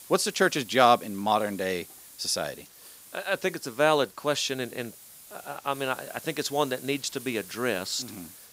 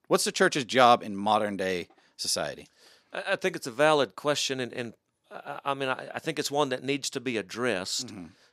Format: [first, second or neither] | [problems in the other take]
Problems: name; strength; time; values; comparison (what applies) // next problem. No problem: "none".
second | hiss; noticeable; throughout; 20 dB below the speech